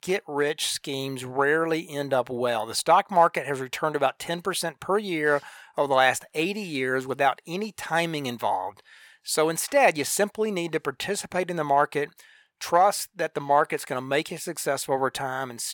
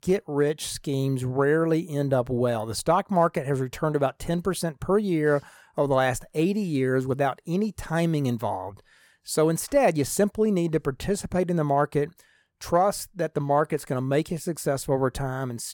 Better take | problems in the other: second | thin; somewhat; fading below 650 Hz

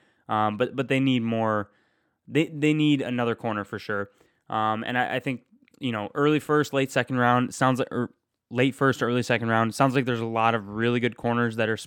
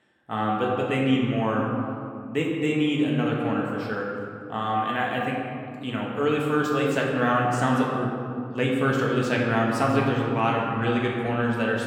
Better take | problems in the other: first | room echo; noticeable; dies away in 2.1 s // off-mic speech; somewhat distant

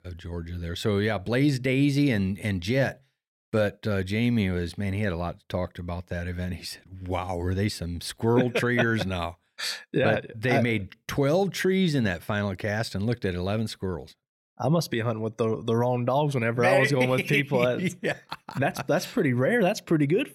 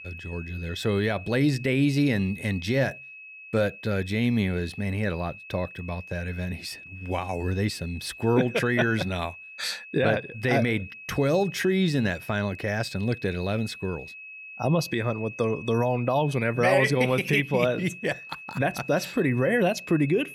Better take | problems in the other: first | high-pitched whine; noticeable; throughout; 2.5 kHz, 15 dB below the speech

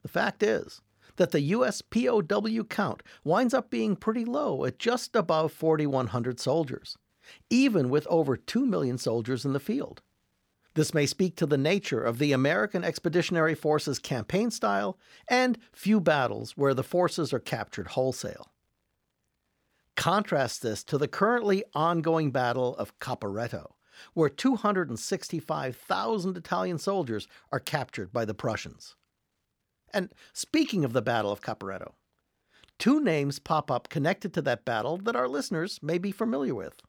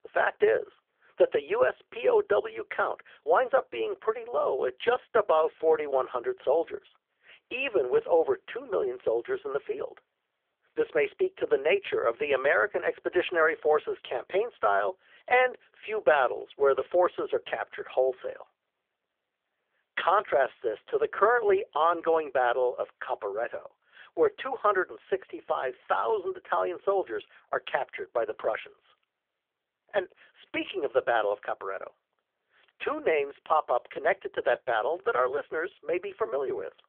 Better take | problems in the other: first | phone-call audio; poor line; nothing above 3.5 kHz

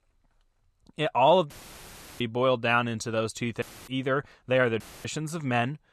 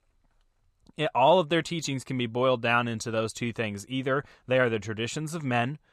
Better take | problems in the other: second | audio cutting out; filled with static; at 1.5 s for 0.5 s, at 3.5 s and at 5 s

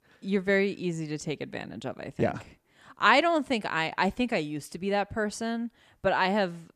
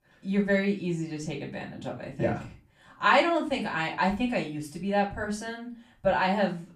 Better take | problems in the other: first | off-mic speech; far // room echo; slight; dies away in 0.3 s

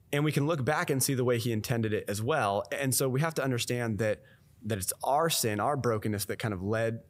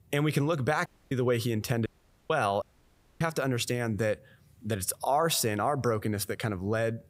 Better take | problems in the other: first | audio cutting out; at 1 s, at 2 s and at 2.5 s for 0.5 s

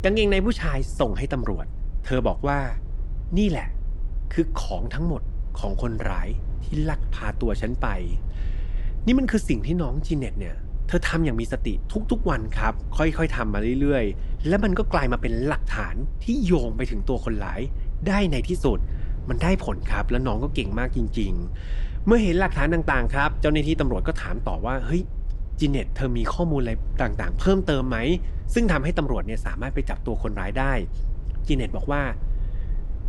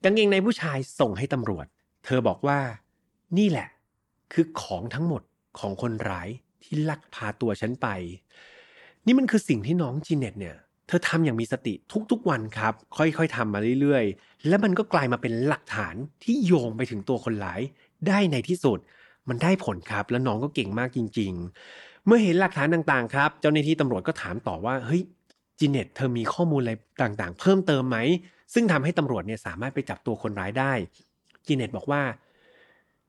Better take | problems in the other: second | low rumble; faint; throughout; 20 dB below the speech

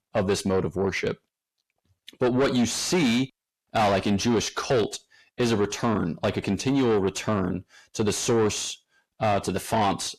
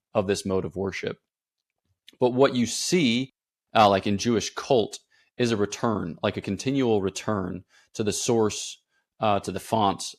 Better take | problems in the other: second | distortion; heavy; 6 dB below the speech

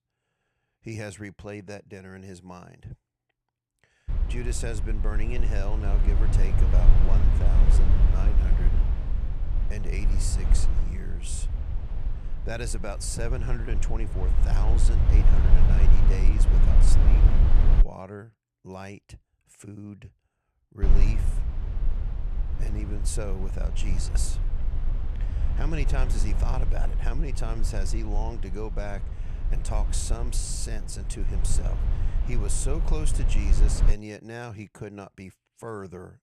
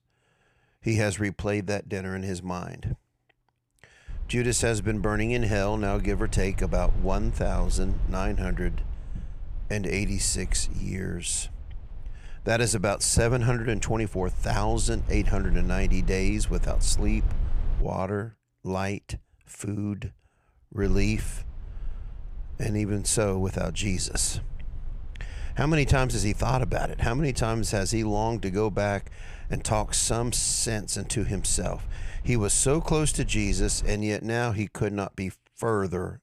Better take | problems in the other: second | low rumble; loud; from 4 to 18 s and from 21 to 34 s; 4 dB below the speech; faint in the second

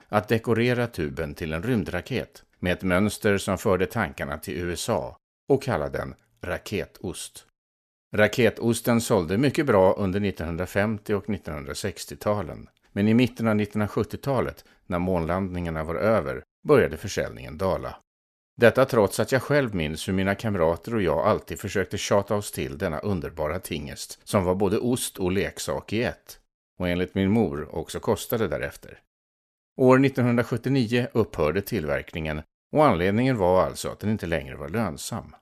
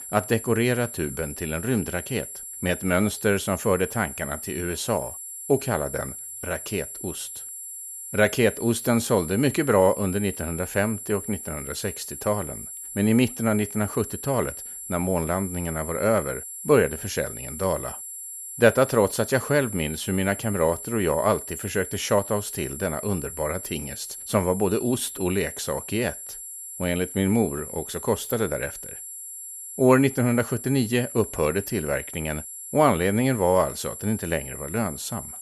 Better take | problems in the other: first | high-pitched whine; loud; throughout; 10 kHz, 9 dB below the speech

